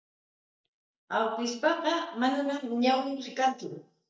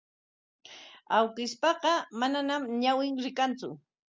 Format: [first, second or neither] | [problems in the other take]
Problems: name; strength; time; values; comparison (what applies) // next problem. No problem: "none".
second | noise reduction (neural mask model DeepFilterNet 3)